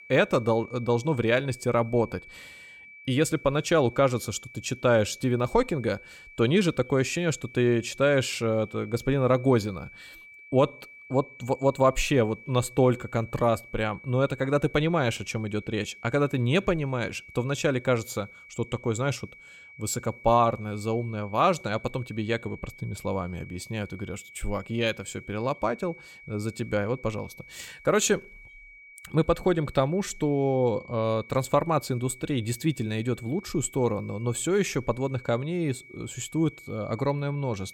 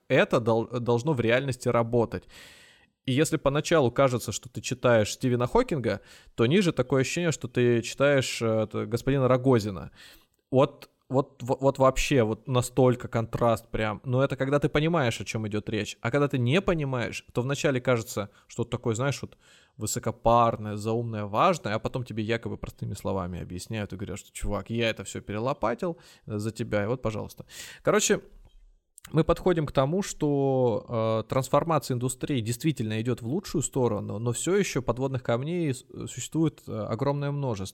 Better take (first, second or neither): second